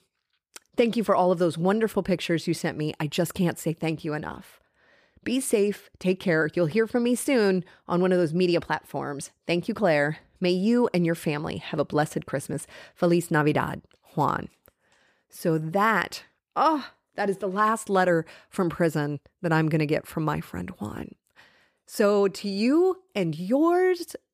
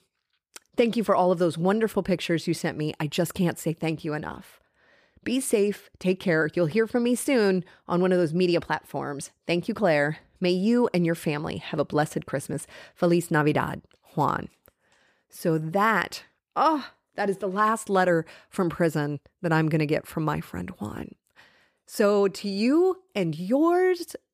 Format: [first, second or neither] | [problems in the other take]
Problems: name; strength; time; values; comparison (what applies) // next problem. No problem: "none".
neither | none